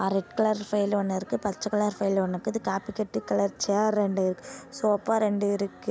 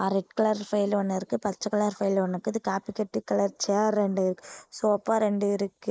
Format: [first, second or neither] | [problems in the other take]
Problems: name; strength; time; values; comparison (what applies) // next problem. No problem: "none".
first | noise reduction (neural mask model Resemble Enhance denoiser)